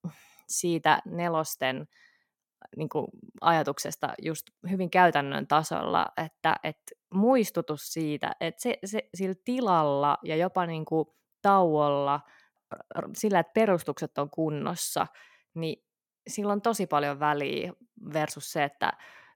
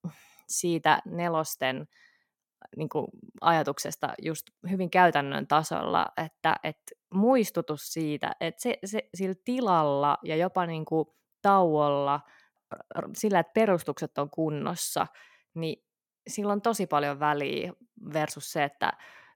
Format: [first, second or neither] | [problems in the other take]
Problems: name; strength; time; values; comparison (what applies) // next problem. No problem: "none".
neither | none